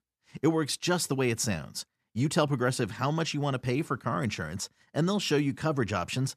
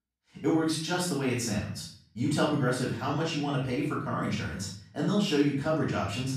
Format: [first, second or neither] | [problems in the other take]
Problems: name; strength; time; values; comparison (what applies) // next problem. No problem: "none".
first | room echo; noticeable; dies away in 0.5 s // off-mic speech; far